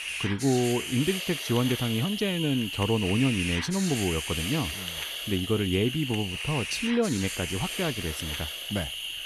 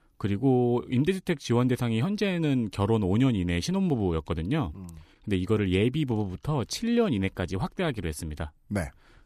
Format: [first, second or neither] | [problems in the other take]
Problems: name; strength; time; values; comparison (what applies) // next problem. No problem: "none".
second | hiss; loud; throughout; 4 dB below the speech